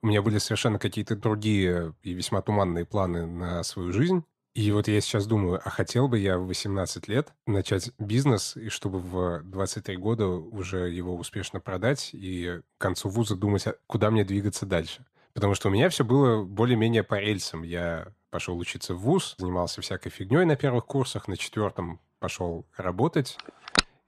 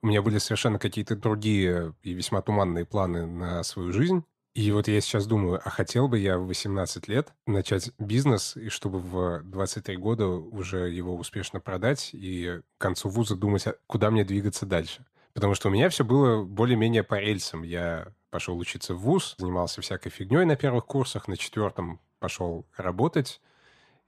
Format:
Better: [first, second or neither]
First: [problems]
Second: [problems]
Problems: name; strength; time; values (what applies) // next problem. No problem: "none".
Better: second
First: phone ringing; loud; at 23 s; peak 2 dB above the speech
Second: none